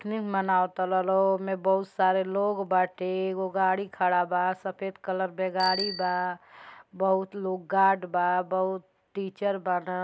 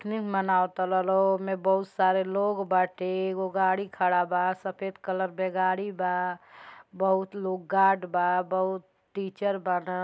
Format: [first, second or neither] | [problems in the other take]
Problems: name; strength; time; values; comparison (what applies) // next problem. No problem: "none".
second | background sound (Bicycle bell); 12 dB below the speech